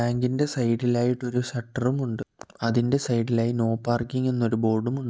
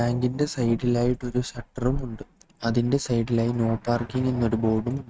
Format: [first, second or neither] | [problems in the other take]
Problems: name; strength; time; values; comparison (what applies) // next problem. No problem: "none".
first | noise reduction (neural mask model RNNoise)